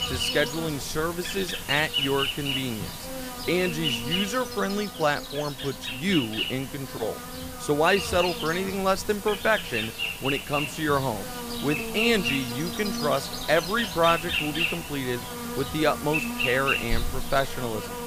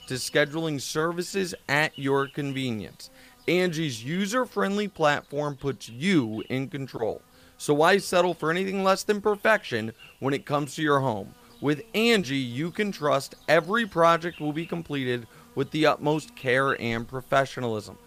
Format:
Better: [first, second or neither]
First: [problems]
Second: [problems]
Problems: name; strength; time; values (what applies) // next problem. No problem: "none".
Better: second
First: animal sounds; loud; throughout; 3 dB below the speech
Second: animal sounds; faint; throughout; 25 dB below the speech